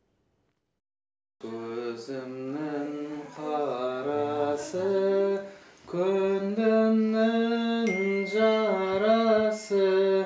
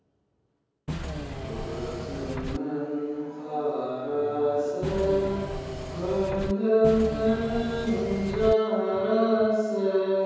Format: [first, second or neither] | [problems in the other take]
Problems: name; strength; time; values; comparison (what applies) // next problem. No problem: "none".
first | background sound (Engine / Mechanisms); 7 dB below the speech // room echo; dies away in 1.2 s